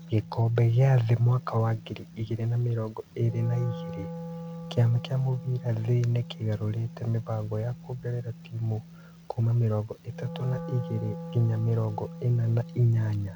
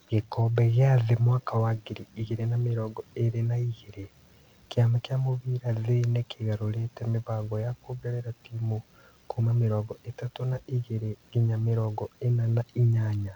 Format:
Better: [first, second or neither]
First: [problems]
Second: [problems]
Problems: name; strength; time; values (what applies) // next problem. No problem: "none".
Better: second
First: background sound (Wind instrument, woodwind instrument); 14 dB below the speech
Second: none